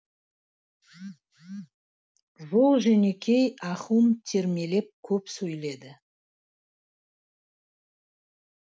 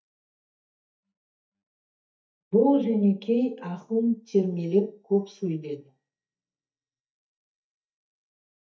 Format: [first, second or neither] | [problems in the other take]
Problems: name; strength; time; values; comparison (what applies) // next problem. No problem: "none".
first | noise reduction (neural mask model DeepFilterNet 3)